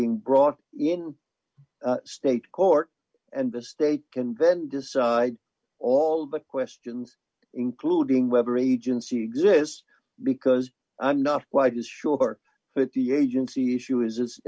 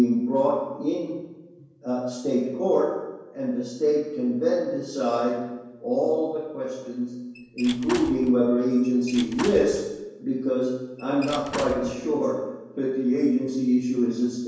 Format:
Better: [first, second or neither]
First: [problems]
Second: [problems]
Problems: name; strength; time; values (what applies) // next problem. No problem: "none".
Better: first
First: none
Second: background sound (Squeak / Slam / Wood); 13 dB below the speech // room echo; dies away in 1 s